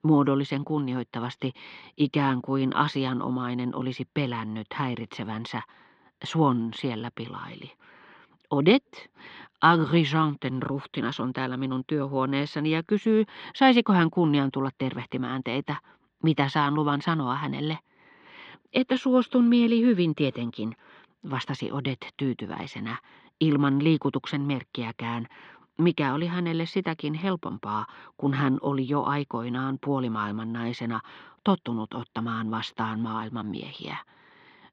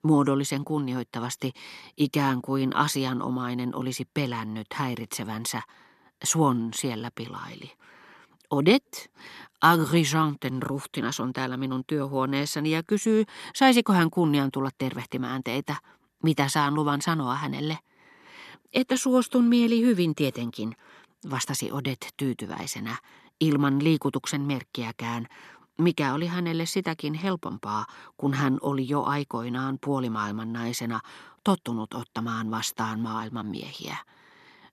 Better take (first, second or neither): second